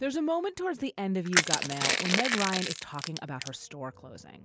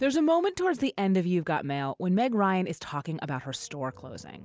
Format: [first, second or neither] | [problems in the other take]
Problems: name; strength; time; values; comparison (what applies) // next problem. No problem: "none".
second | background sound (Crushing); 2 dB above the speech